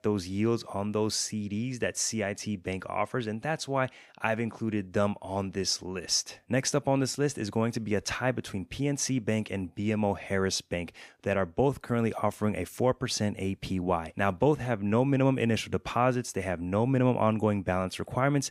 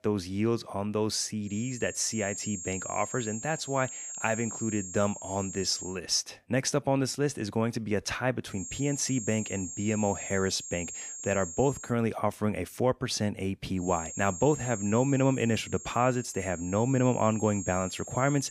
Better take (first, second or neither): first